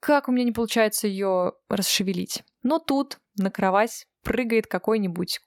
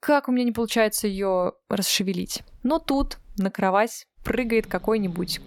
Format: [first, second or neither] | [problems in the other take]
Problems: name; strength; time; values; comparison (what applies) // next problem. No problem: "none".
first | hiss; faint; at 0.5 s, from 2 to 3.5 s and from 4 s on; 20 dB below the speech